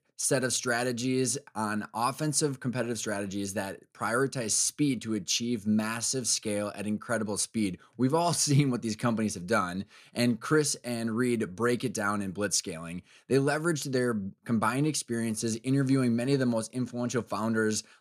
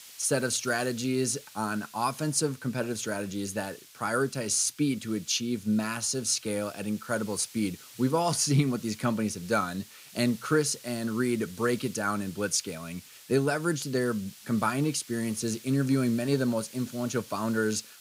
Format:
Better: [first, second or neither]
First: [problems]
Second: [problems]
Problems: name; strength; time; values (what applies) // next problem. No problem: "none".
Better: first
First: none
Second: hiss; noticeable; throughout; 20 dB below the speech